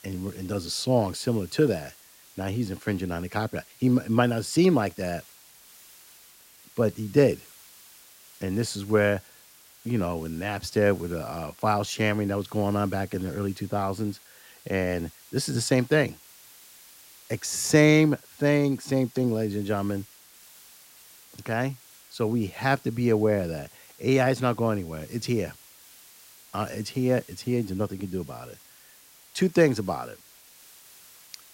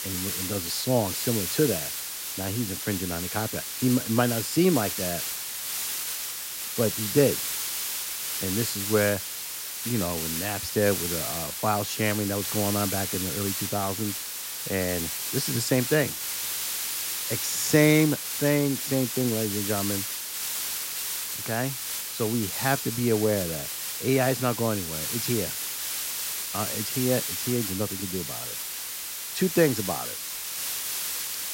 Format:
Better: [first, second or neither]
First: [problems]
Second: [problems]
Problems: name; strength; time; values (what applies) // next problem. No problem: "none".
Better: first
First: hiss; faint; throughout; 25 dB below the speech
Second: hiss; loud; throughout; 2 dB below the speech